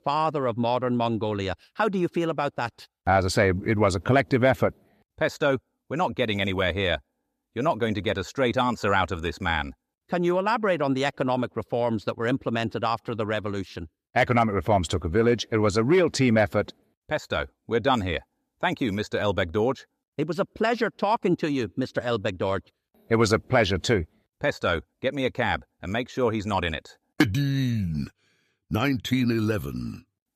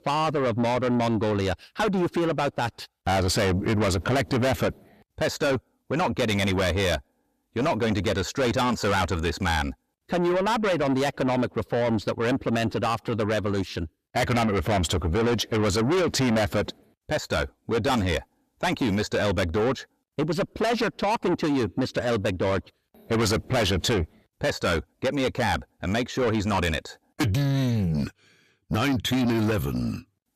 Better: first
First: none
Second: distortion; heavy; 6 dB below the speech

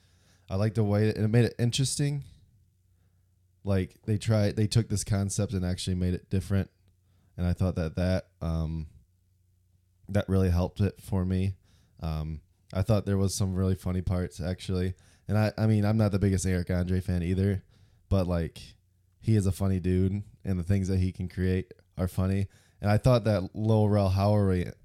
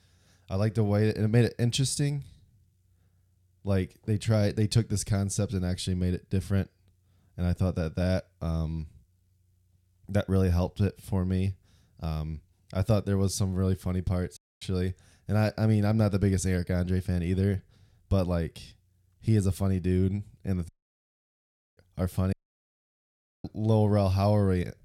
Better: first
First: none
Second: audio cutting out; at 14 s, at 21 s for 1 s and at 22 s for 1 s

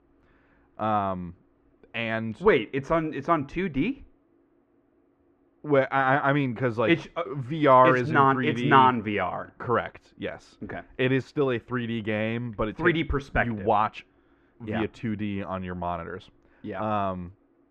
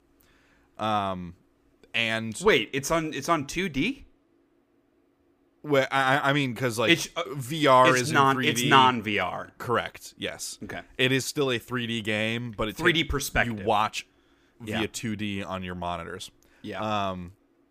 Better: second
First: muffled; very; fading above 1.5 kHz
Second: none

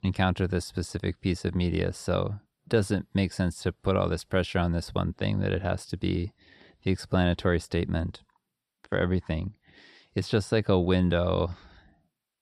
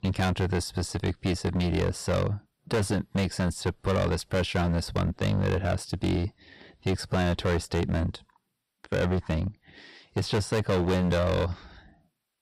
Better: first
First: none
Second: distortion; heavy; 15% of the sound clipped

